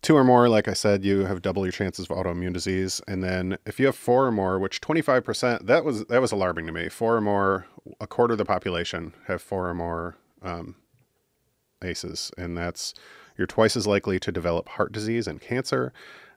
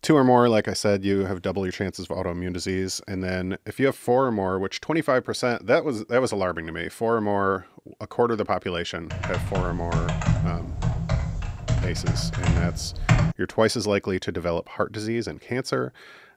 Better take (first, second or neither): first